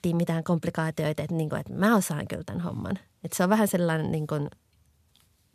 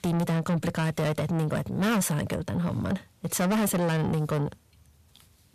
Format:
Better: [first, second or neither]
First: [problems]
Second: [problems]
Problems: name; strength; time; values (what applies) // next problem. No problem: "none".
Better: first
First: none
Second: distortion; heavy; 7 dB below the speech